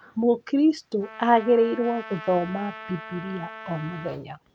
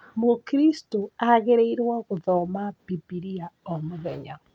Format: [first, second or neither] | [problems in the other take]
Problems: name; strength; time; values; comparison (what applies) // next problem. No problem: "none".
second | background sound (Trumpet); 16 dB below the speech